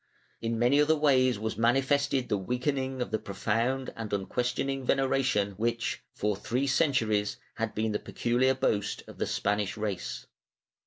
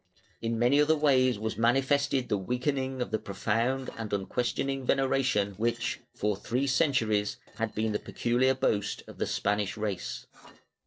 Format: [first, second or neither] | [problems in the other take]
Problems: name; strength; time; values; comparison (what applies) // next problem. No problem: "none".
first | noise reduction (neural separator model SepFormer DNS4)